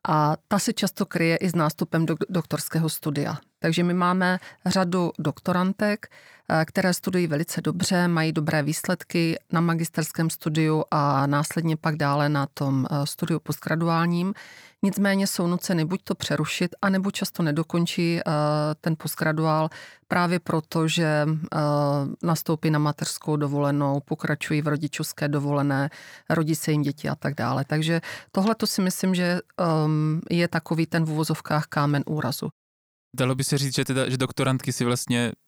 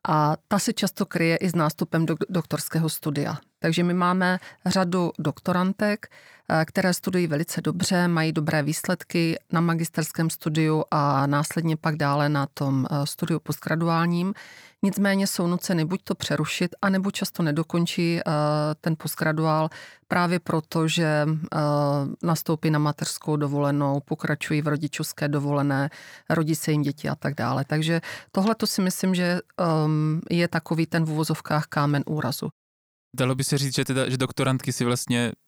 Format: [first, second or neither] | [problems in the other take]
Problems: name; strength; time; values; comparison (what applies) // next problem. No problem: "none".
neither | none